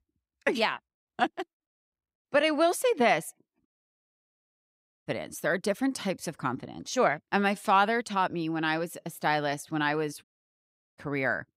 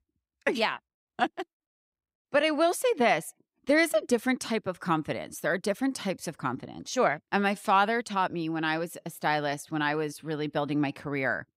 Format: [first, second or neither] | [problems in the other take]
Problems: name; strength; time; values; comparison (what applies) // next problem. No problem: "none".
second | audio cutting out; at 3.5 s for 1.5 s and at 10 s for 0.5 s